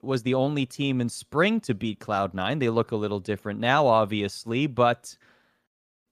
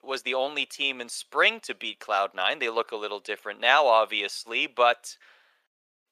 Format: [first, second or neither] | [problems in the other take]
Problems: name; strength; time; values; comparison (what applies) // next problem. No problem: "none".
first | thin; very; fading below 500 Hz